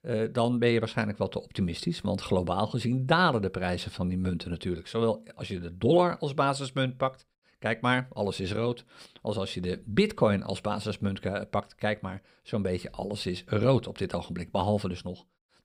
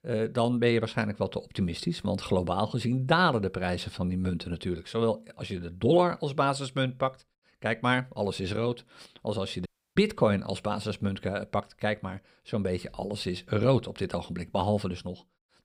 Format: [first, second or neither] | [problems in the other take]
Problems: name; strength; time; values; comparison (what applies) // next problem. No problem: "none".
first | audio cutting out; at 9.5 s